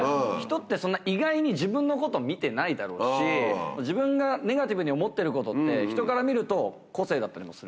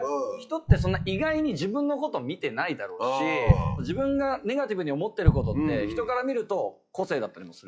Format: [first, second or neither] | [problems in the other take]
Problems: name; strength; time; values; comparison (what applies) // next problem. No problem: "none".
first | noise reduction (classical method log-MMSE)